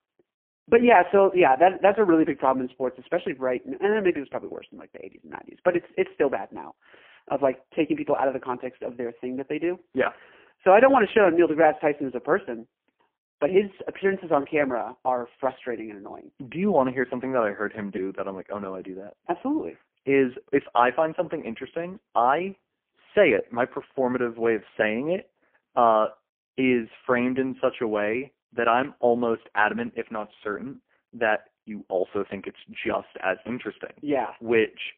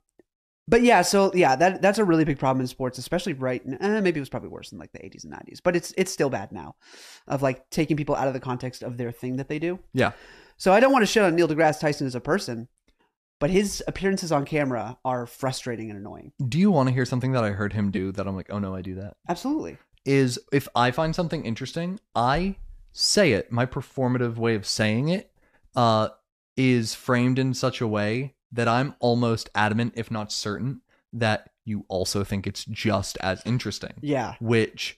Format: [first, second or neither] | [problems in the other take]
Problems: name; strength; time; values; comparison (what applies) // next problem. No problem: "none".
second | phone-call audio; poor line